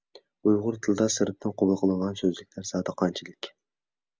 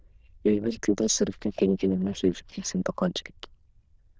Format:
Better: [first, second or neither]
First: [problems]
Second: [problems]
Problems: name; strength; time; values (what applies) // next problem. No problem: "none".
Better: first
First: none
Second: noise reduction (neural diffusion model UNIVERSE++)